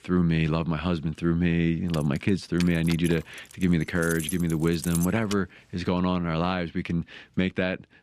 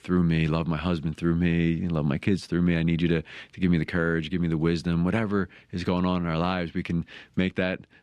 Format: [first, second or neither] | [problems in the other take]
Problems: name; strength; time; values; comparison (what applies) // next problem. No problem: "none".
second | jangling keys; noticeable; from 2 to 5.5 s; peak 8 dB below the speech